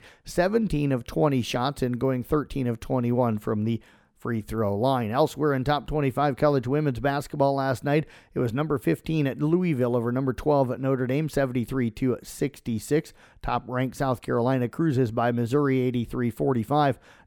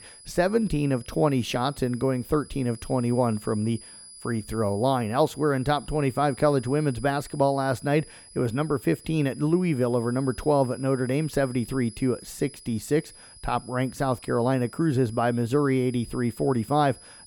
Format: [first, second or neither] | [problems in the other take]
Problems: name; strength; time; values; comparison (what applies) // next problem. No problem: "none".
first | high-pitched whine; noticeable; throughout; 10 kHz, 20 dB below the speech